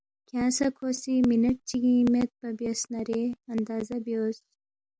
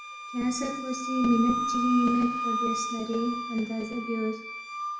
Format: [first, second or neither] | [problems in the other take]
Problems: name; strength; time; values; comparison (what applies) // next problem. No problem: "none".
first | background sound (Wind instrument, woodwind instrument); 4 dB below the speech // room echo; dies away in 0.7 s